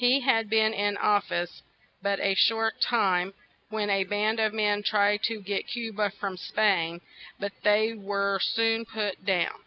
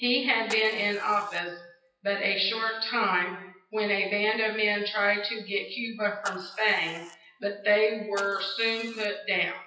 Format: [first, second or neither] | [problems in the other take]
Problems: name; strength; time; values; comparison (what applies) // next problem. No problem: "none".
first | noise reduction (classical method WPE with log-MMSE)